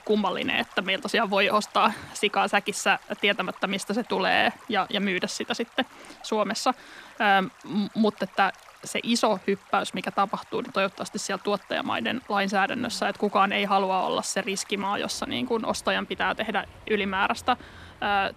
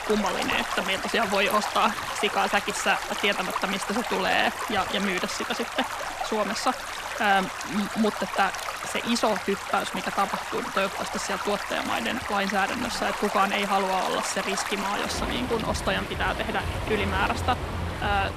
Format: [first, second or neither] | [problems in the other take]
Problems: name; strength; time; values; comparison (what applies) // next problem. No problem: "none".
first | rain or running water; loud; throughout; 4 dB below the speech; faint in the first